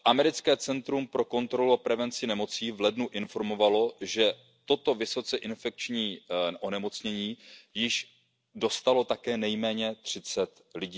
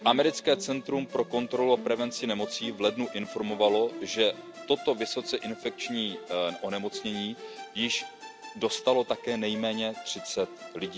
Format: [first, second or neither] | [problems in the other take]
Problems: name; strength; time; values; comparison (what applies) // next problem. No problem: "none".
first | background sound (Musical instrument); 13 dB below the speech